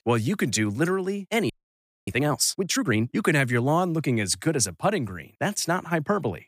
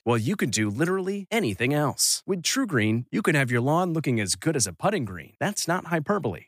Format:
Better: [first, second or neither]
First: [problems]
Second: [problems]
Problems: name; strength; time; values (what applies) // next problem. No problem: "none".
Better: second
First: audio freezing; at 1.5 s for 0.5 s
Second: none